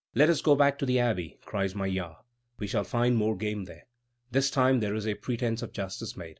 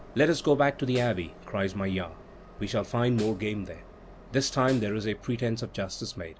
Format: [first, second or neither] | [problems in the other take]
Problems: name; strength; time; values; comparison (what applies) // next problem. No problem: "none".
first | background sound (Snare drum + Train); 18 dB below the speech